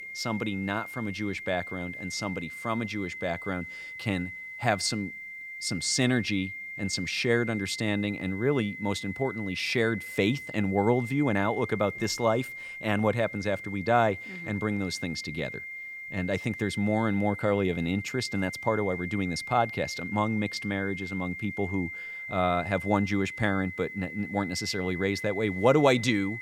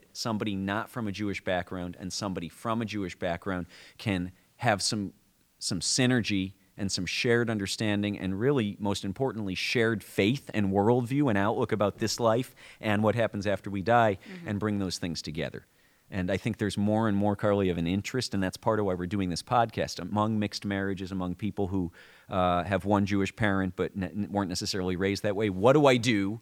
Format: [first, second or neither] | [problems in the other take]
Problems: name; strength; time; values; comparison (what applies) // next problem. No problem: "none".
second | high-pitched whine; loud; throughout; 2 kHz, 9 dB below the speech